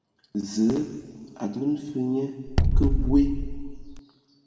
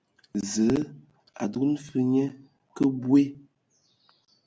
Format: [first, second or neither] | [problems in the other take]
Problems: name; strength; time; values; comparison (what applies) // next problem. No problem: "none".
second | background sound (Bass drum); 5 dB above the speech // room echo; dies away in 1.9 s